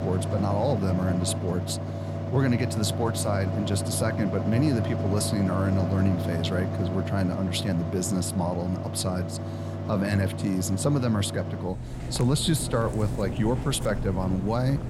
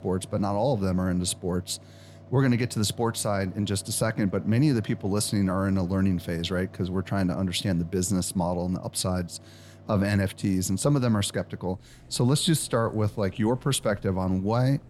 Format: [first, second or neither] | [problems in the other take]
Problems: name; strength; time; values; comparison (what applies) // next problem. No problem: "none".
second | machinery noise; loud; throughout; 4 dB below the speech; faint in the second